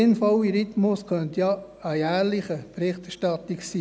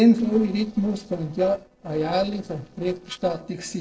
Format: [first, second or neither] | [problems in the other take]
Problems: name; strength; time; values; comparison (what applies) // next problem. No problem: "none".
first | noise reduction (neural separator model SepFormer DNS4)